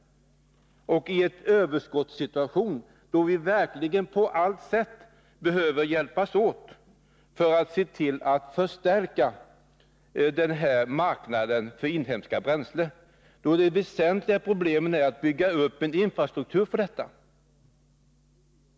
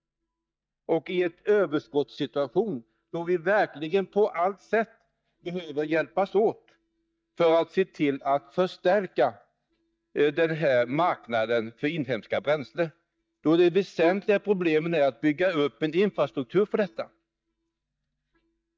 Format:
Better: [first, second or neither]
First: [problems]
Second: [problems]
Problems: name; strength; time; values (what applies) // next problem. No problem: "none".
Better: first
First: none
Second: noise reduction (neural mask model DeepFilterNet 3)